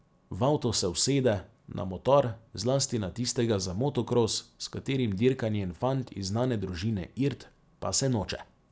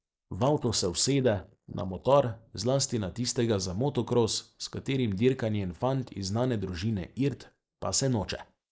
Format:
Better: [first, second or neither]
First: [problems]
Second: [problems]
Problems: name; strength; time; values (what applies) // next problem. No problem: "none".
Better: first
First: none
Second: noise reduction (neural mask model Resemble Enhance denoiser)